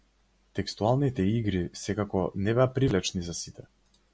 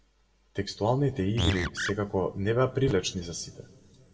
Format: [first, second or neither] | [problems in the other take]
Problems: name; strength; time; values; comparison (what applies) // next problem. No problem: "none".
first | background sound (Animal); 2 dB below the speech // room echo; dies away in 1 s